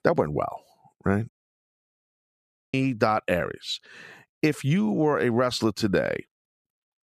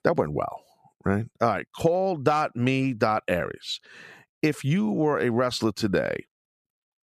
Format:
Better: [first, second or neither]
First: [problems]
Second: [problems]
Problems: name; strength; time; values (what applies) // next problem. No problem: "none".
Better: second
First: audio cutting out; at 1.5 s for 1.5 s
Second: none